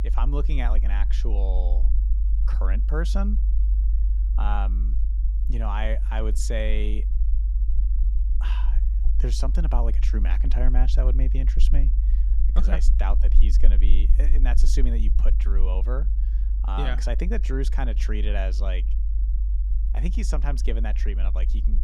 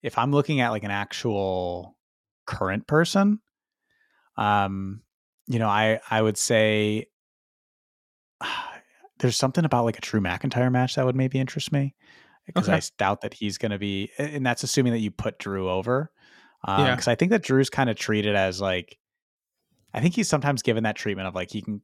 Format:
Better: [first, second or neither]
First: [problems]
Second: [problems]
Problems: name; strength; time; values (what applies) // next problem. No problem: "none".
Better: second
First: low rumble; noticeable; throughout; 10 dB below the speech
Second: none